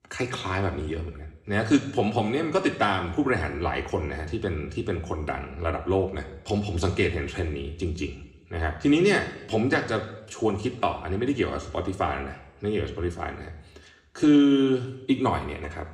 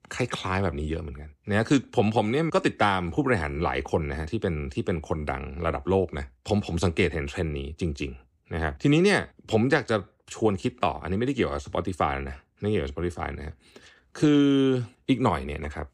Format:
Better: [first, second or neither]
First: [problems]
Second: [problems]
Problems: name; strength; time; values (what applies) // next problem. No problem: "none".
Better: second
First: room echo; slight; dies away in 0.8 s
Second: none